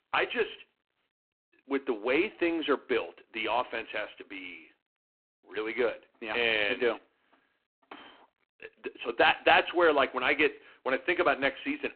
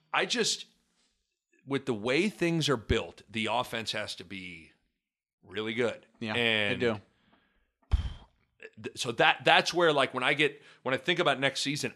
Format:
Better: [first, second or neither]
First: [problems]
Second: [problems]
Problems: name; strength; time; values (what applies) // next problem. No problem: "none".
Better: second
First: phone-call audio; poor line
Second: none